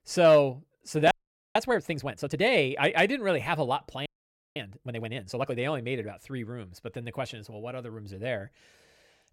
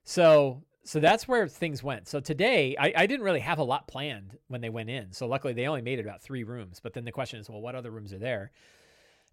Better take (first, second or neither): second